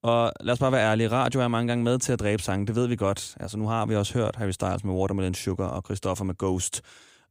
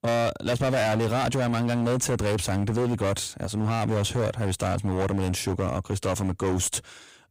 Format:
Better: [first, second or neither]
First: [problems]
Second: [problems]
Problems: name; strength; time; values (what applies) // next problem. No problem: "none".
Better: first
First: none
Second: distortion; heavy; 23% of the sound clipped